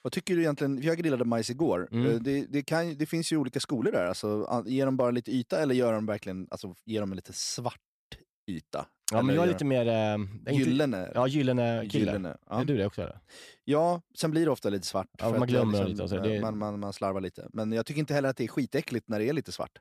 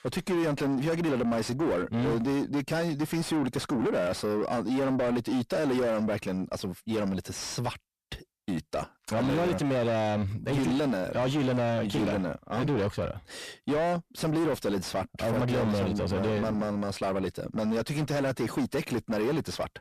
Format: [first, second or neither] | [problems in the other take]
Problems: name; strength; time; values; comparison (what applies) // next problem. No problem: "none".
first | distortion; heavy; 6 dB below the speech